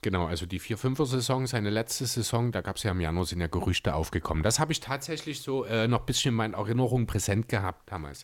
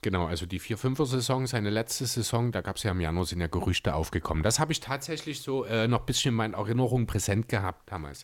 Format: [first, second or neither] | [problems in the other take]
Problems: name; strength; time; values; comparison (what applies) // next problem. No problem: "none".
neither | none